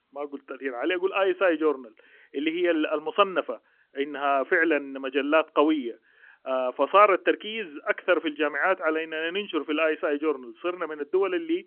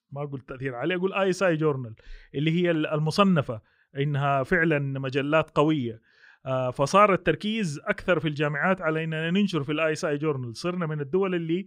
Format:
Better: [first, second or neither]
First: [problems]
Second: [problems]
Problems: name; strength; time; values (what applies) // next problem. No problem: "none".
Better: second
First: phone-call audio; nothing above 3 kHz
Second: none